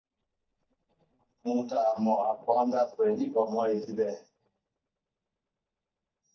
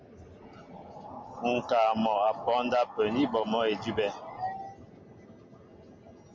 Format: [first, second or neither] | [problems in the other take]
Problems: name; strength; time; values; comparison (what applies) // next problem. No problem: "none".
second | noise reduction (neural mask model DeepFilterNet 3)